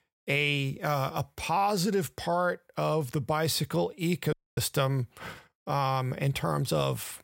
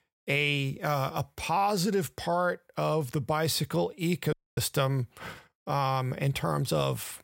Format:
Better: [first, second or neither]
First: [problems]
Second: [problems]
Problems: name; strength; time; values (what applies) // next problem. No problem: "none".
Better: neither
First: audio cutting out; at 4.5 s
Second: audio cutting out; at 4.5 s